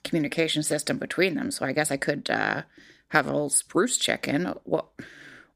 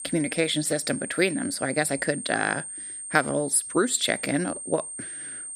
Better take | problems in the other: first | high-pitched whine; loud; throughout; 8.5 kHz, 8 dB below the speech

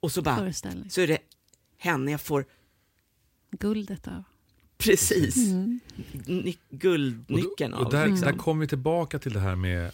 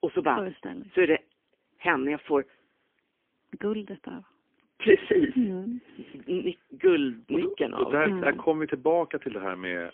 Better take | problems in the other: first | phone-call audio; poor line; nothing above 3 kHz

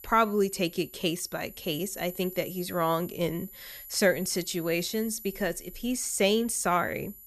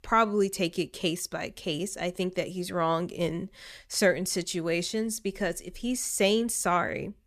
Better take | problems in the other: second | high-pitched whine; noticeable; throughout; 12 kHz, 15 dB below the speech

